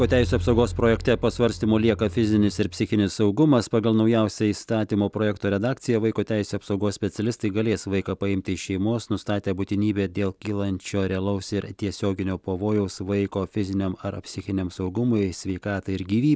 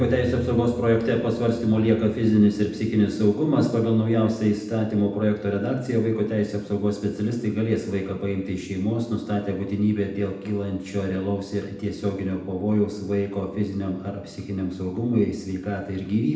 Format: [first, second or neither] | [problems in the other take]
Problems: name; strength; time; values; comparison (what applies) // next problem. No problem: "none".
first | room echo; dies away in 0.8 s